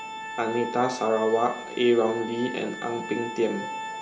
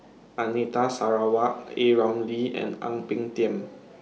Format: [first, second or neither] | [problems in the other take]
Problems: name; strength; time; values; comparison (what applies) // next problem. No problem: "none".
second | background sound (Organ); 10 dB below the speech